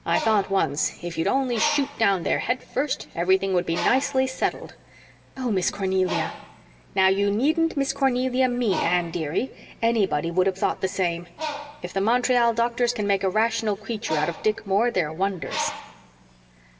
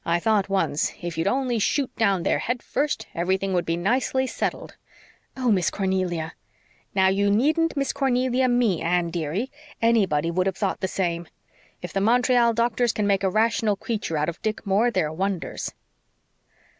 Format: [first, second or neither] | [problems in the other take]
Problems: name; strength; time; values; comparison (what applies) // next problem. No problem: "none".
second | background sound (Bird); 13 dB below the speech // room echo; dies away in 0.7 s